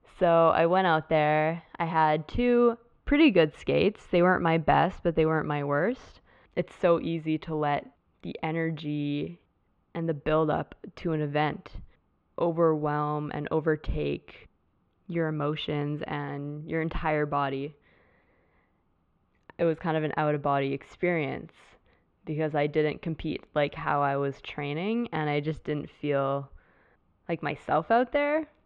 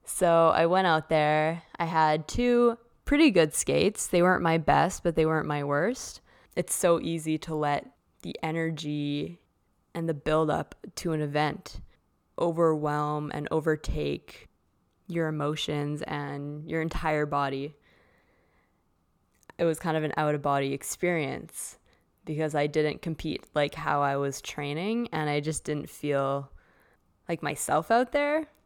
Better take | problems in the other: second | muffled; very; fading above 3 kHz

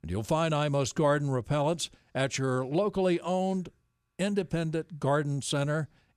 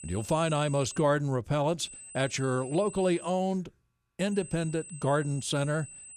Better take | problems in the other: first | high-pitched whine; noticeable; until 1 s, from 2 to 3.5 s and from 4.5 s on; 8 kHz, 15 dB below the speech

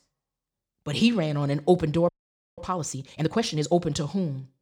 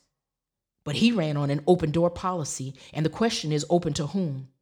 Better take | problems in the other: second | audio freezing; at 2 s

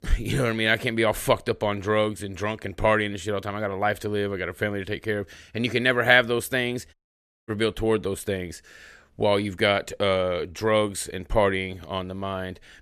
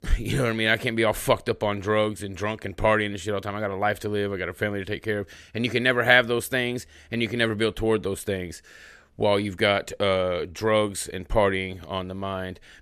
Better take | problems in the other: second | audio cutting out; at 7 s for 0.5 s

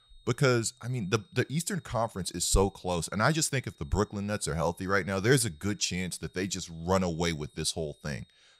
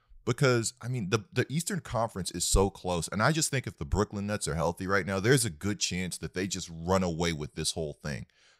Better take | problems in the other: second | high-pitched whine; faint; throughout; 3.5 kHz, 30 dB below the speech

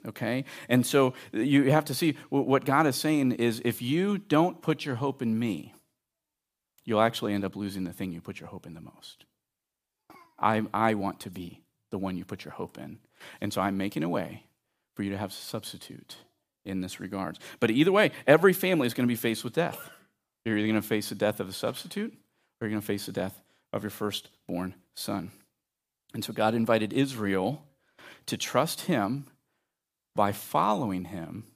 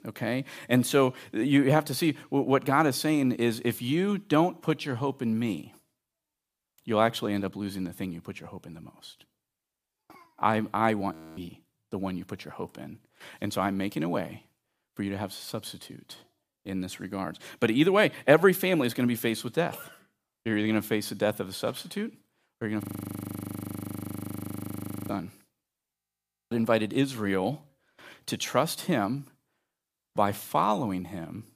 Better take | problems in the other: first | audio freezing; at 11 s, at 23 s for 2.5 s and at 26 s for 0.5 s

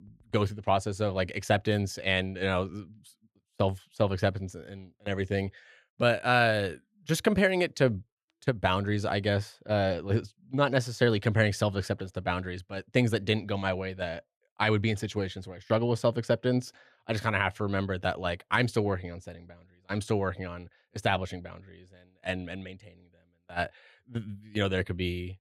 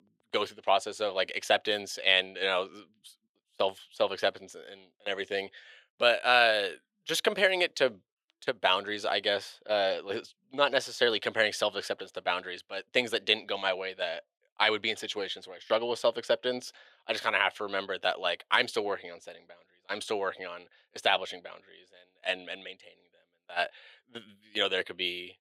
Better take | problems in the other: first | thin; very; fading below 550 Hz

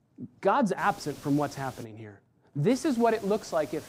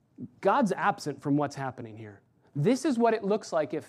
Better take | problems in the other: second | hiss; very faint; from 1 to 2 s and from 2.5 s on; 20 dB below the speech

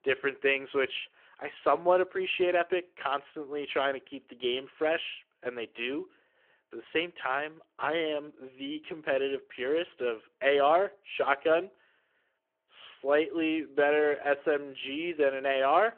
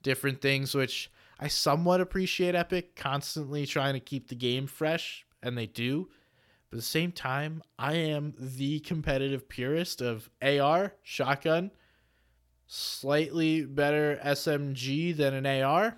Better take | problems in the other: second | phone-call audio

